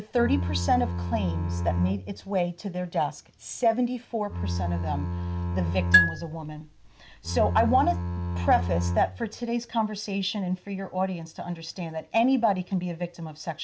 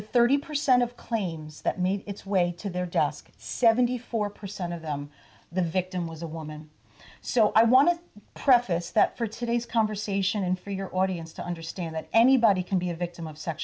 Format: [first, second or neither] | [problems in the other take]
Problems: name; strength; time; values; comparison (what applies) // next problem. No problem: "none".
second | background sound (Marimba, xylophone + Bowed string instrument); as loud as the speech